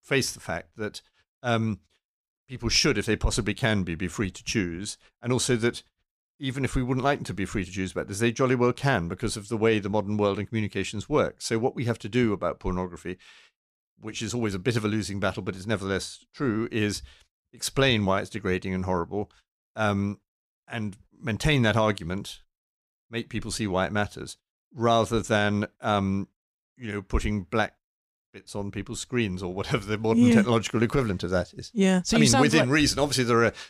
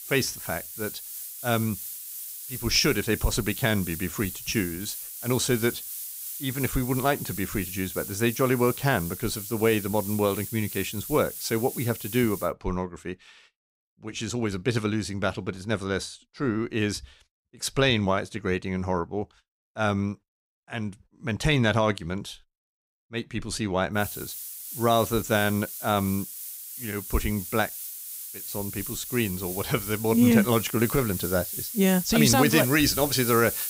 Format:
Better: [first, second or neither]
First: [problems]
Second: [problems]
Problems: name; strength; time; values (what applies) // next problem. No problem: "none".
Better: first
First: none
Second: hiss; loud; until 12 s and from 24 s on; 7 dB below the speech